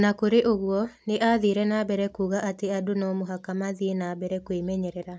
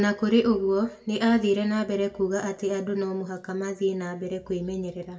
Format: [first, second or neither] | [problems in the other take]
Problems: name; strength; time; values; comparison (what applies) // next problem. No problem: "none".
first | room echo; dies away in 0.7 s